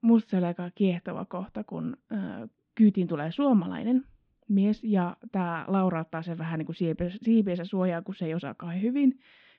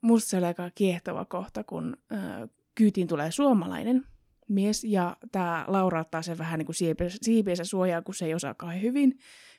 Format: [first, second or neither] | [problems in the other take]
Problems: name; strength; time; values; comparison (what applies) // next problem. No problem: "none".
second | muffled; very; fading above 3.5 kHz